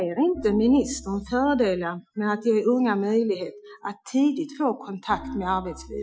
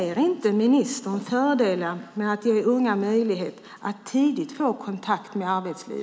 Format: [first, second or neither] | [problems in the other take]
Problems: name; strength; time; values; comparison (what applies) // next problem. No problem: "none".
second | noise reduction (classical method Wiener filter)